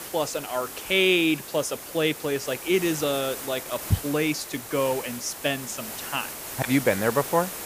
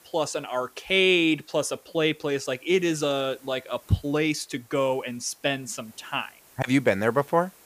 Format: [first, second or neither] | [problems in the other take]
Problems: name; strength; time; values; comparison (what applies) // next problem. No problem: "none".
second | hiss; loud; throughout; 9 dB below the speech; faint in the second